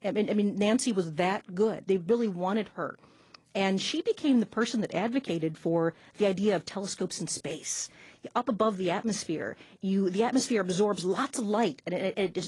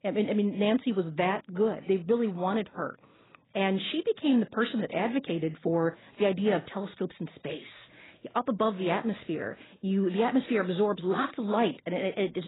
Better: first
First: garbled, watery; slightly; nothing above 10 kHz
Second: garbled, watery; badly; nothing above 4 kHz

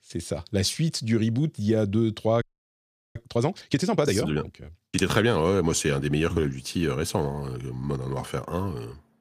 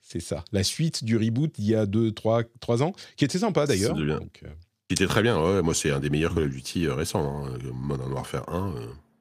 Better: second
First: audio freezing; at 2.5 s for 0.5 s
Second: none

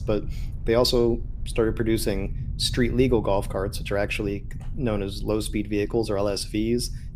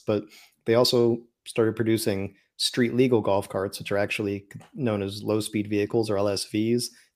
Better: second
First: low rumble; faint; throughout; 25 dB below the speech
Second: none

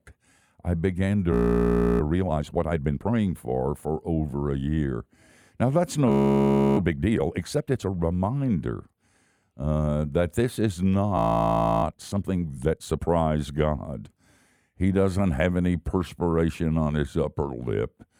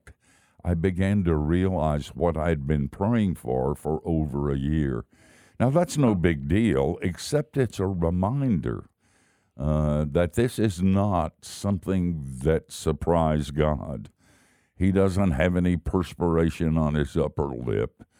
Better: second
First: audio freezing; at 1.5 s for 0.5 s, at 6 s for 0.5 s and at 11 s for 0.5 s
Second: none

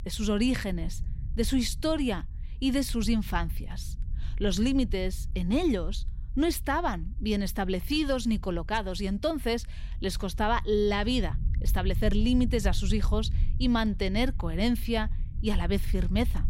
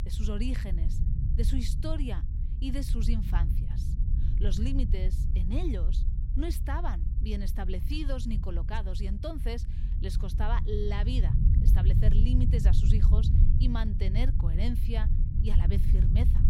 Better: first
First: low rumble; faint; throughout; 20 dB below the speech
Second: low rumble; loud; throughout; 5 dB below the speech

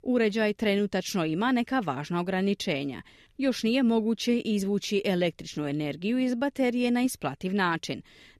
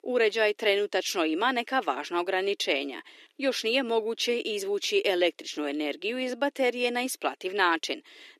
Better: first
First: none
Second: thin; somewhat; fading below 300 Hz

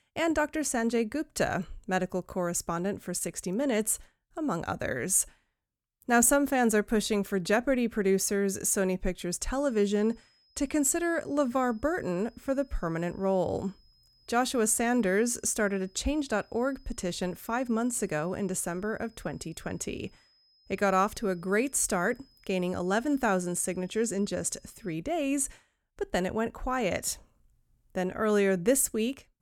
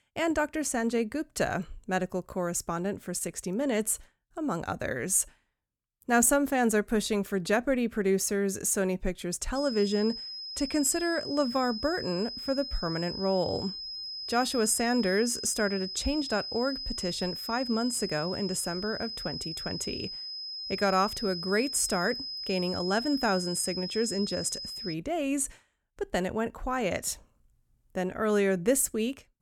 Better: first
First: high-pitched whine; faint; from 9.5 to 25 s; 5 kHz, 35 dB below the speech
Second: high-pitched whine; loud; from 9.5 to 25 s; 5 kHz, 6 dB below the speech

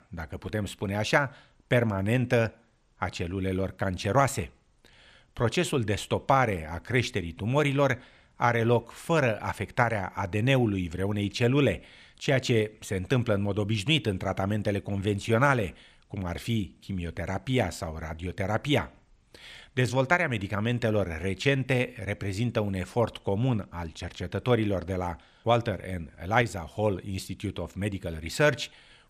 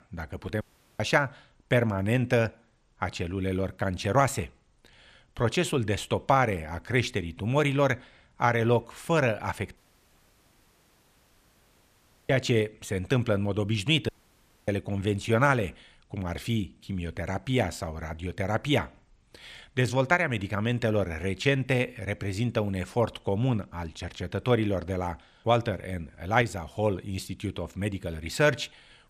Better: first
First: none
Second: audio cutting out; at 0.5 s, at 10 s for 2.5 s and at 14 s for 0.5 s

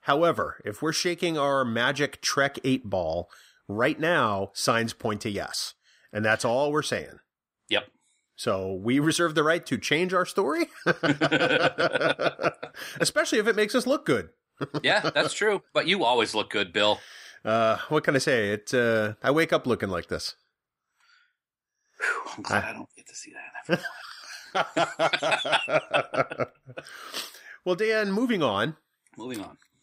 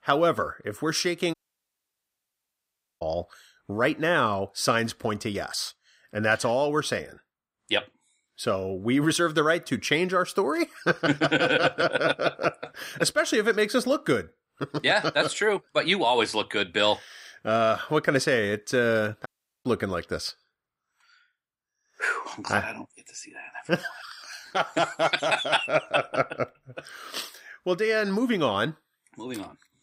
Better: first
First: none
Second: audio cutting out; at 1.5 s for 1.5 s and at 19 s

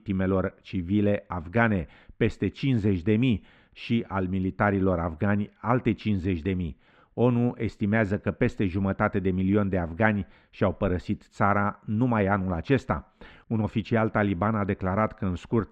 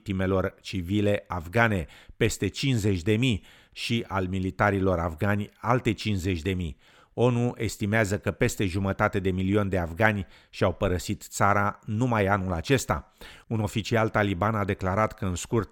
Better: second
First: muffled; very; fading above 2.5 kHz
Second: none

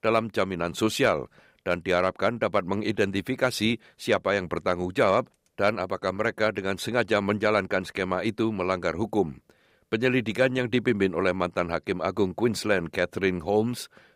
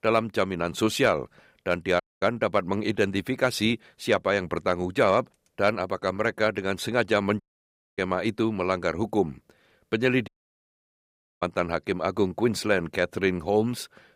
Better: first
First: none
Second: audio cutting out; at 2 s, at 7.5 s for 0.5 s and at 10 s for 1 s

